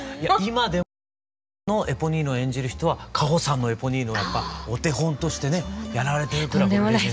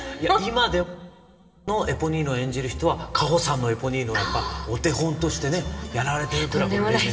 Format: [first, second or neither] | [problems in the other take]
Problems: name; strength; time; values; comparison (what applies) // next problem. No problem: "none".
first | room echo; dies away in 2.2 s